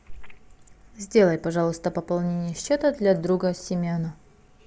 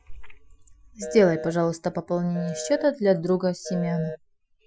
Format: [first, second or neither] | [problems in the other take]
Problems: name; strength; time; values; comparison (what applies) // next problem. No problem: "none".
first | noise reduction (classical method Wiener filter)